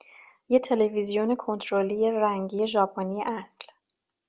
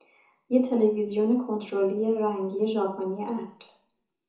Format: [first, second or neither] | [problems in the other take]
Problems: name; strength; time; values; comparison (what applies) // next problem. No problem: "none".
first | room echo; dies away in 0.6 s